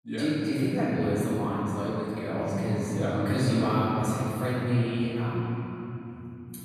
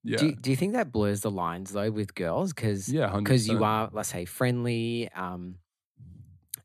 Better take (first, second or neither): second